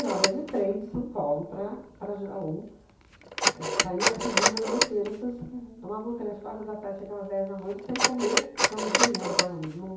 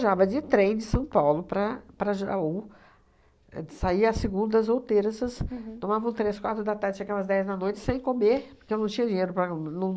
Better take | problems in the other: second | background sound (Telephone); 2 dB above the speech // room echo; dies away in 0.6 s

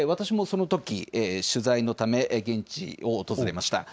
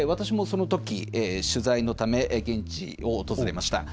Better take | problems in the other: first | background sound (Bass guitar); 10 dB below the speech

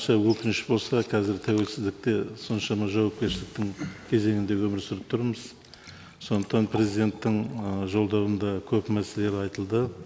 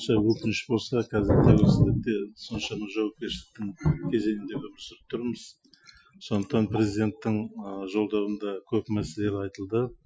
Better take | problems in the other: first | noise reduction (classical method Wiener filter)

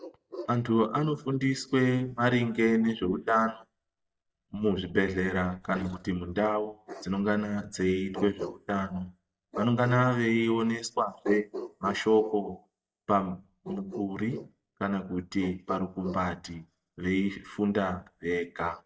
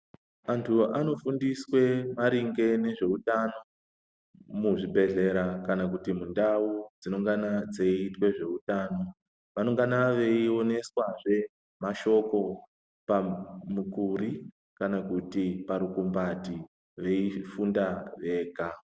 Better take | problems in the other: second | noise reduction (neural mask model DeepFilterNet 3)

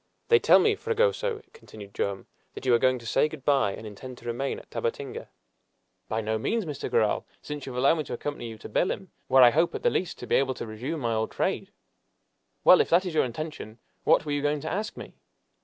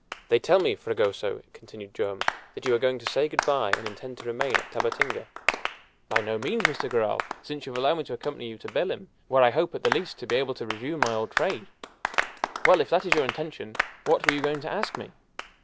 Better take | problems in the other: first | background sound (Applause); 5 dB below the speech

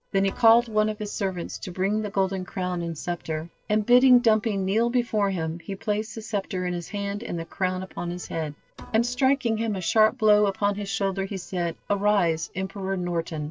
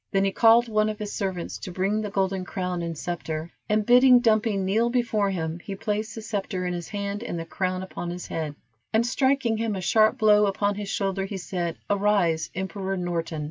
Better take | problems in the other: second | noise reduction (neural separator model SepFormer DNS4)

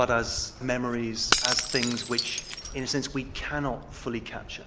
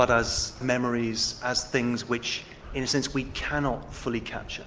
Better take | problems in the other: second | background sound (Shatter / Crushing); 2 dB below the speech

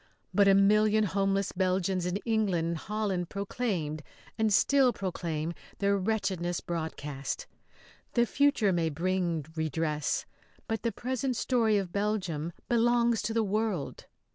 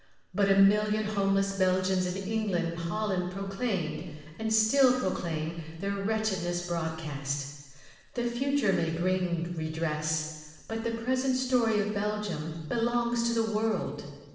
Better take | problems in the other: first | room echo; dies away in 1.2 s

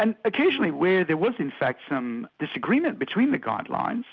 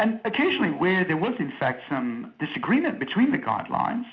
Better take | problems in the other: first | room echo; dies away in 0.5 s

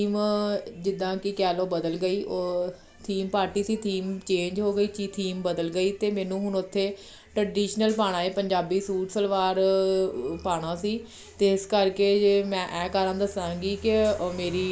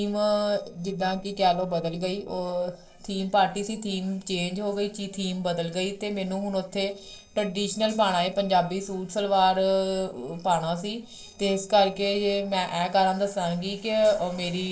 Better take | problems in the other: first | noise reduction (neural separator model SepFormer DNS4)

